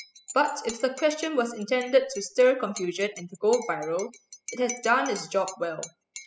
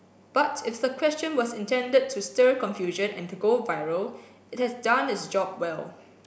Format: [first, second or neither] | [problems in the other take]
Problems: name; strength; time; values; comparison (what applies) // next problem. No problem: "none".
second | noise reduction (classical method spectral subtraction)